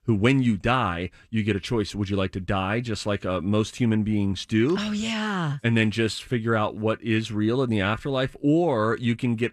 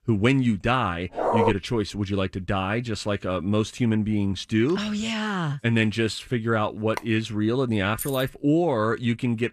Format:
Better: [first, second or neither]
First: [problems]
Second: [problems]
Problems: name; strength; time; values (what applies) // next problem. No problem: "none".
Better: first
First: none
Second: dog barking; loud; at 1 s; peak 2 dB above the speech // phone ringing; very faint; at 7 s; peak 15 dB below the speech // jangling keys; noticeable; at 8 s; peak 10 dB below the speech